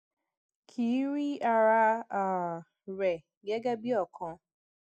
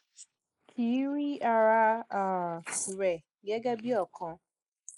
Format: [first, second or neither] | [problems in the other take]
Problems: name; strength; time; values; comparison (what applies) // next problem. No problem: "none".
first | noise reduction (neural mask model Resemble Enhance denoiser)